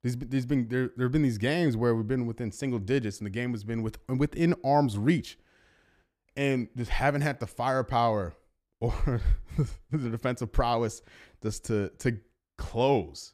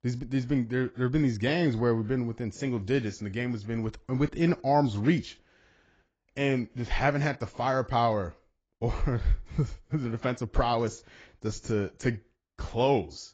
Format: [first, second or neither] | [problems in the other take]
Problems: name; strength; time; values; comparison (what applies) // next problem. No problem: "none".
first | garbled, watery; badly; nothing above 7.5 kHz